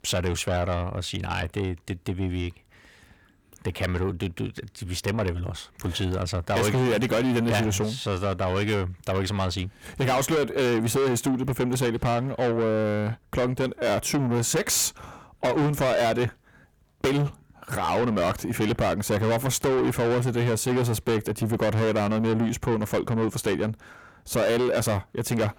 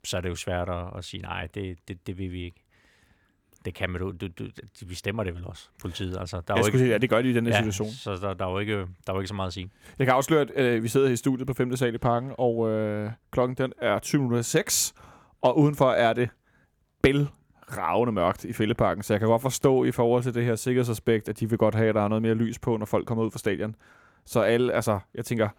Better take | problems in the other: second | distortion; heavy; 6 dB below the speech

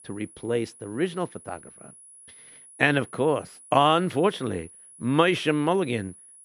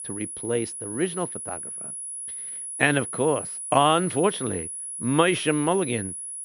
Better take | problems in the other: first | high-pitched whine; loud; throughout; 10.5 kHz, 7 dB below the speech; faint in the first

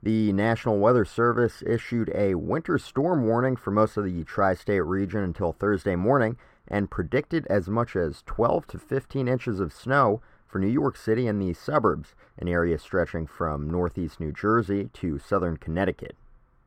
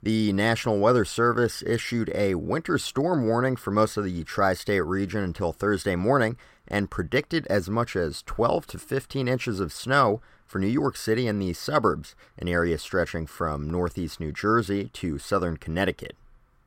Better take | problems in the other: second | muffled; slightly; fading above 2.5 kHz

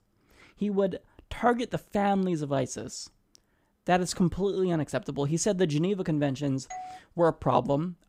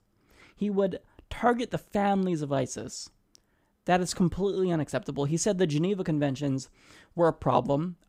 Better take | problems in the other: second | doorbell; faint; at 6.5 s; peak 15 dB below the speech

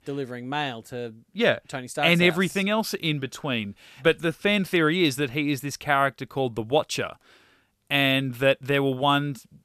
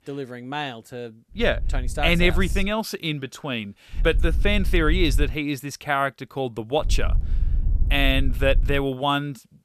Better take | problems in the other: first | wind noise on the microphone; occasional gusts; from 1.5 to 2.5 s, from 4 to 5.5 s and from 7 to 9 s; 20 dB below the speech

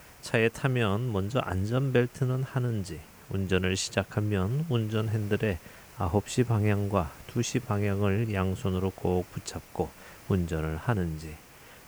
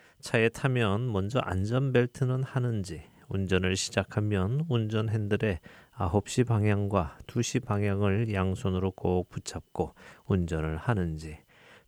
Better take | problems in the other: second | hiss; faint; throughout; 20 dB below the speech

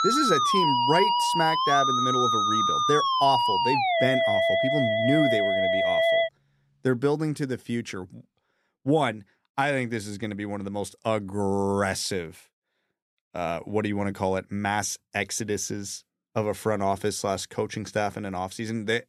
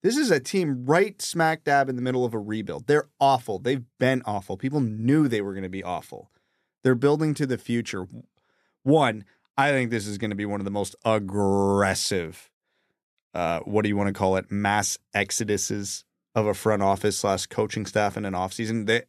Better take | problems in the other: second | background music; very loud; until 8.5 s; 5 dB above the speech

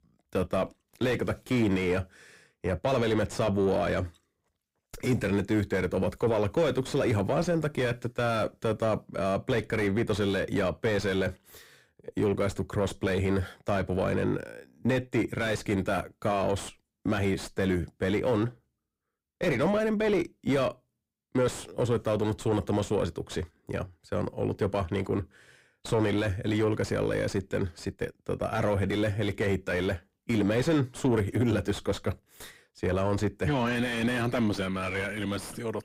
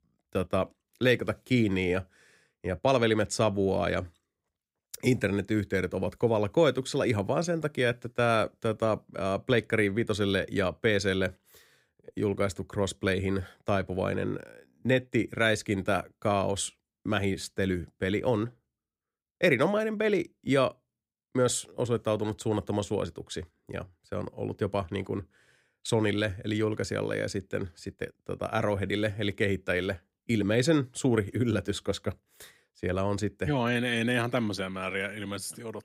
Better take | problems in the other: second | distortion; heavy; 6 dB below the speech

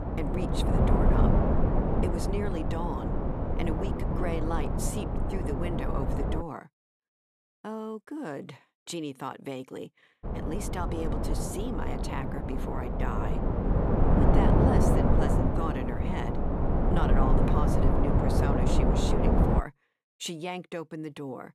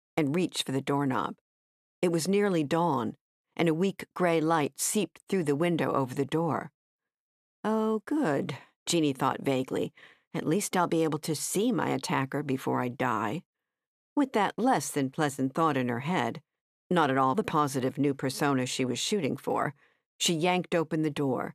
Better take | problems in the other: second | wind noise on the microphone; heavy; until 6.5 s and from 10 to 20 s; 4 dB above the speech

